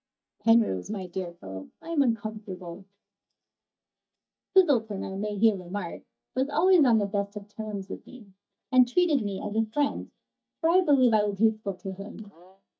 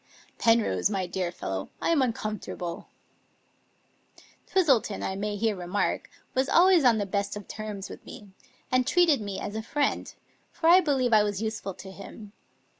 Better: second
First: noise reduction (neural mask model DeepFilterNet 3)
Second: none

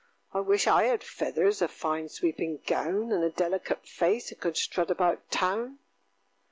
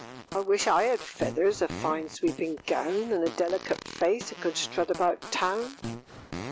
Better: first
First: none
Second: background sound (Fart); 12 dB below the speech

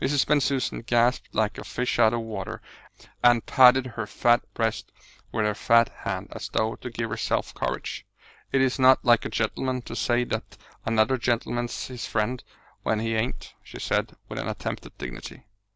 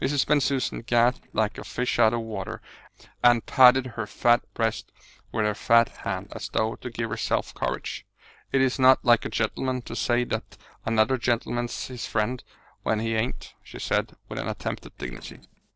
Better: first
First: none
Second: noise reduction (neural separator model SepFormer DNS4)

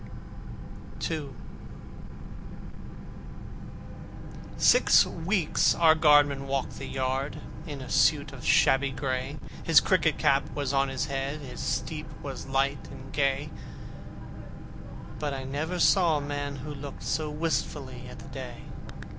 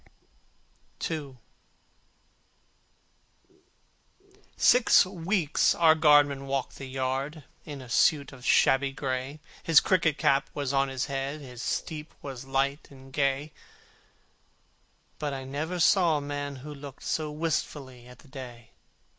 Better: second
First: background sound (Boat, Water vehicle); 6 dB below the speech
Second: none

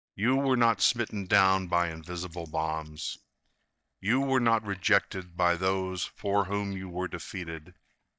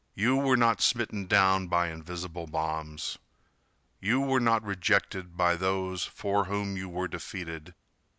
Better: second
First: noise reduction (neural mask model DeepFilterNet 3)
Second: none

